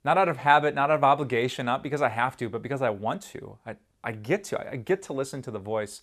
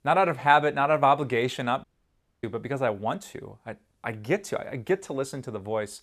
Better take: first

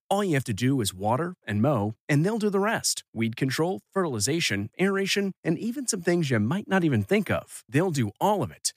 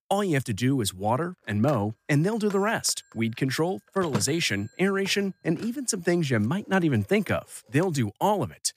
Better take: first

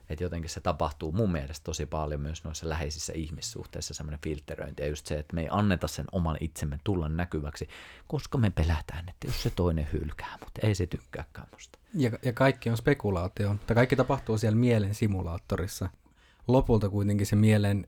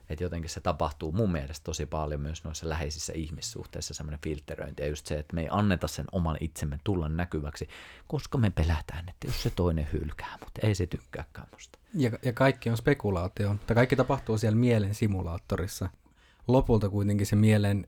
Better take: neither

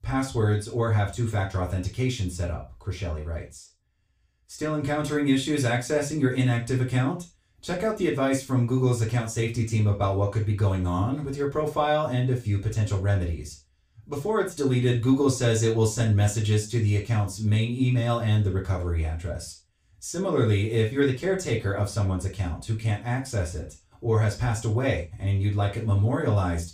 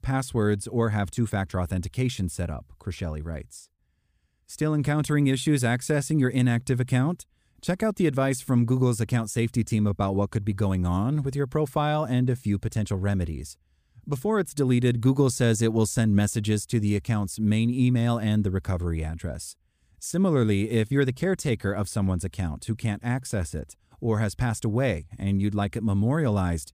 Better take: second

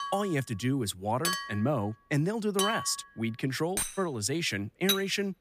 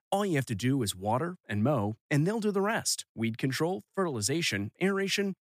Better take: second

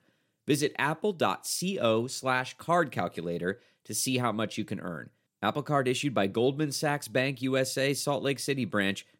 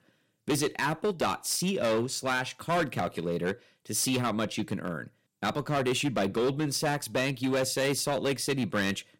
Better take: first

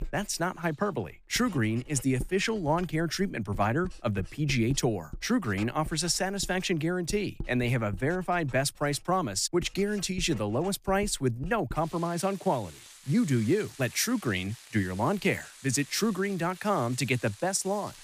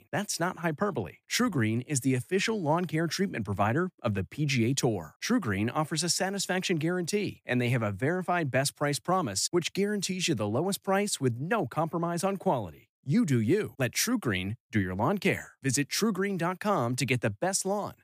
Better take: second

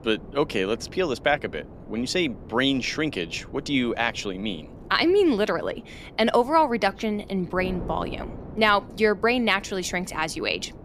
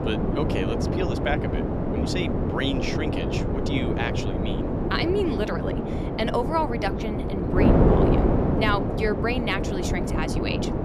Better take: first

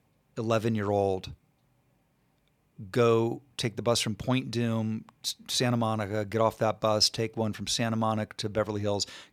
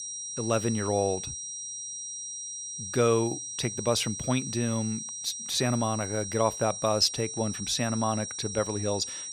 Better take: first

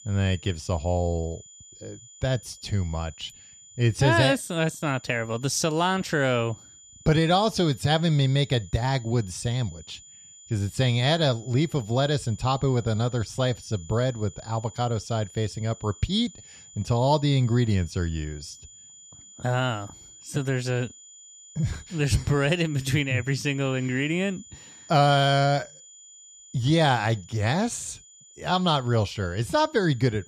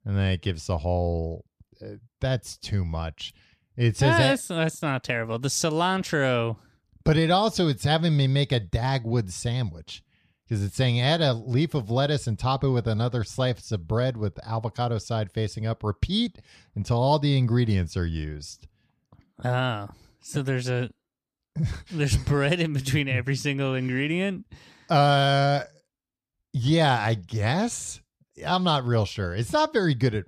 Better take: second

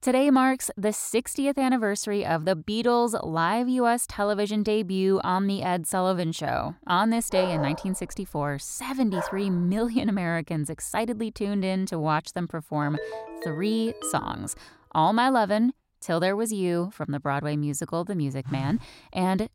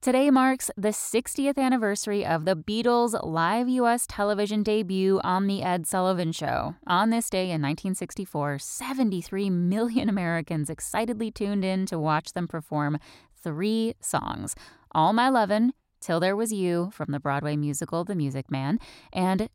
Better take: second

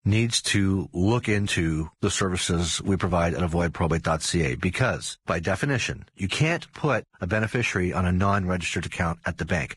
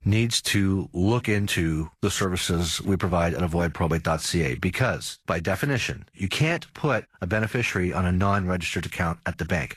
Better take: second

